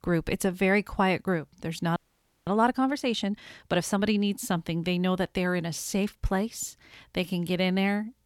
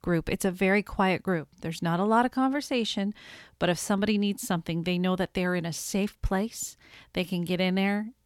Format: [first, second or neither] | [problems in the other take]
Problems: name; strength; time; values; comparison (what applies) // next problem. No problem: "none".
second | audio freezing; at 2 s for 0.5 s